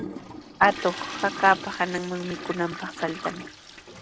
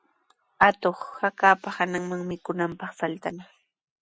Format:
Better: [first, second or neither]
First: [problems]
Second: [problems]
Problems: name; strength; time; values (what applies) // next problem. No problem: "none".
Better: second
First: background sound (Toilet flush); 10 dB below the speech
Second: none